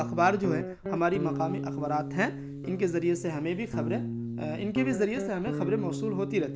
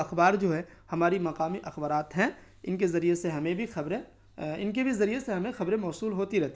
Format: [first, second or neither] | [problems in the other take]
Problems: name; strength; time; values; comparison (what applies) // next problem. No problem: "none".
second | background sound (Guitar); 5 dB below the speech